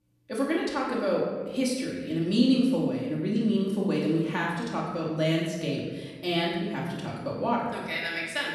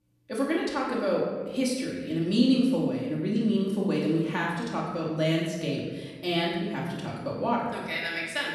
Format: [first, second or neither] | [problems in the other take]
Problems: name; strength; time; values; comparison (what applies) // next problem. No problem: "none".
neither | off-mic speech; far; the same in both // room echo; noticeable; dies away in 1.2 s; the same in both